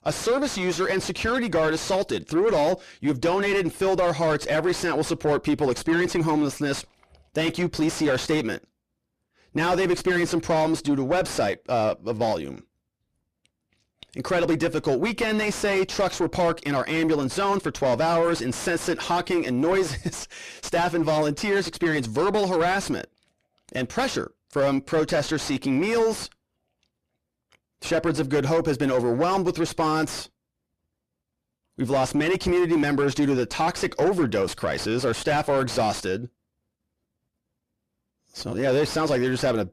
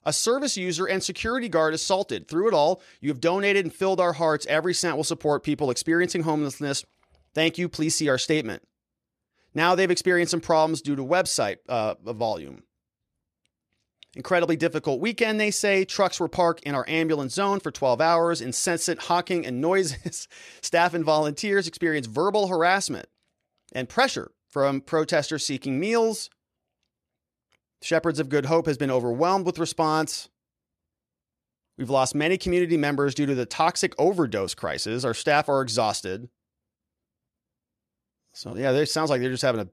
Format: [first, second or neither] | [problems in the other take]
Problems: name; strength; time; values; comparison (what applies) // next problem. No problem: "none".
second | distortion; heavy; 6 dB below the speech